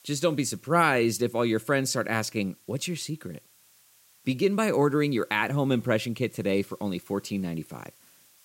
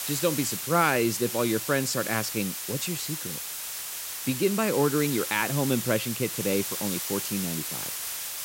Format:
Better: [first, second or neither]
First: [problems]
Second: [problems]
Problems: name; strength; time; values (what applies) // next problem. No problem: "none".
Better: first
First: hiss; faint; throughout; 30 dB below the speech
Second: hiss; loud; throughout; 4 dB below the speech